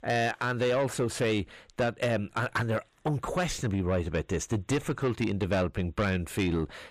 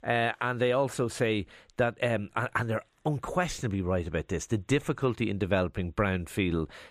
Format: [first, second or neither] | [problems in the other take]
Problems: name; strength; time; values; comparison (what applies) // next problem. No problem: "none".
second | distortion; slight; 10 dB below the speech